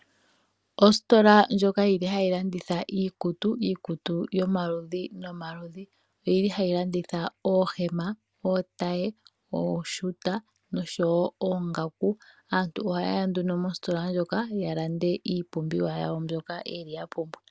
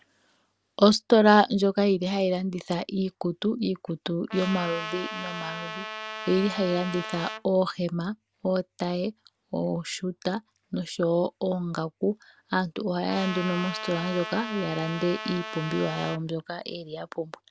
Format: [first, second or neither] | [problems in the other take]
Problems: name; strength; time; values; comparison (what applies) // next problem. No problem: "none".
first | background sound (Trumpet); 9 dB below the speech